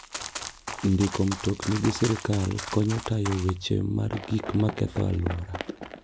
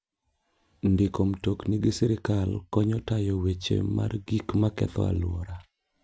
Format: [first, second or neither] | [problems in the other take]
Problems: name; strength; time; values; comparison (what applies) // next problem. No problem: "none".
second | background sound (Run); 10 dB below the speech